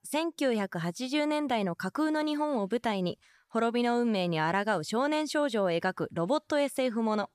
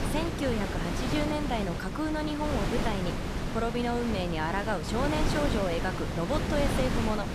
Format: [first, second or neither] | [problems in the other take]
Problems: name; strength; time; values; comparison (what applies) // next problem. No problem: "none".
first | wind noise on the microphone; heavy; 3 dB below the speech